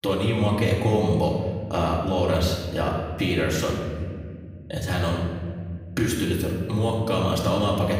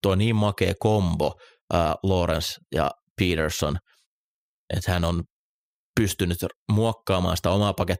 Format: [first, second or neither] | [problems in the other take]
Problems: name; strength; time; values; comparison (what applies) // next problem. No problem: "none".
second | room echo; noticeable; dies away in 1.9 s // off-mic speech; far